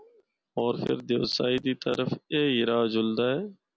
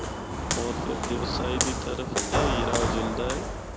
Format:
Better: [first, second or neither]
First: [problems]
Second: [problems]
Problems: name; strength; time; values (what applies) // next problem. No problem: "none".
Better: first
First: none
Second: background sound (Walk, footsteps); 4 dB above the speech